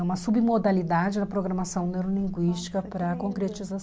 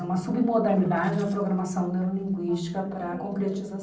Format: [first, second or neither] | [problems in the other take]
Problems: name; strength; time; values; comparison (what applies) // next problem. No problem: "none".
first | noise reduction (neural separator model SepFormer DNS4)